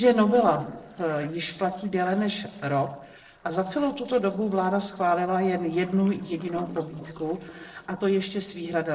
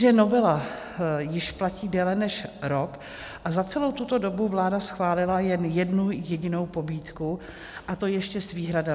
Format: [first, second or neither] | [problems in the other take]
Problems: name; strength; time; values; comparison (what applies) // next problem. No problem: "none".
second | noise reduction (neural separator model SepFormer DNS4)